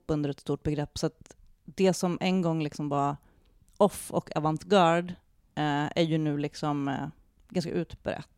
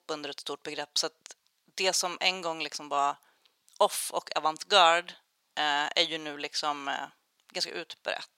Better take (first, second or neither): first